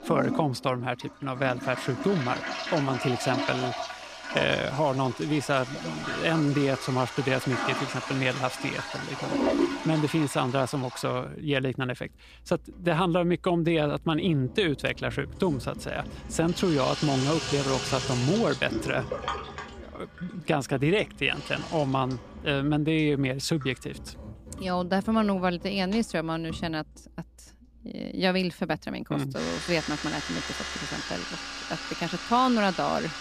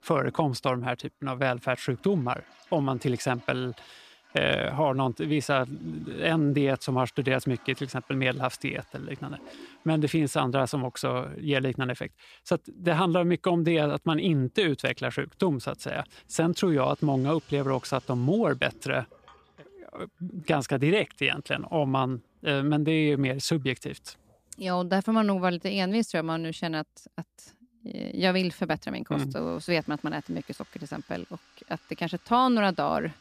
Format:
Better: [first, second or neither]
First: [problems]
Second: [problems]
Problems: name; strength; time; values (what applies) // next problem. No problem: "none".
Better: second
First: household noises; loud; throughout; 6 dB below the speech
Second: household noises; faint; throughout; 30 dB below the speech